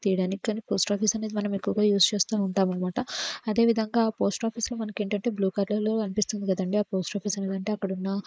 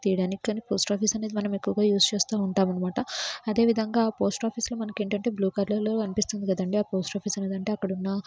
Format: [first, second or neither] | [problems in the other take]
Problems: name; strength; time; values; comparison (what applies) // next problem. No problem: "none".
second | noise reduction (neural mask model Resemble Enhance denoiser)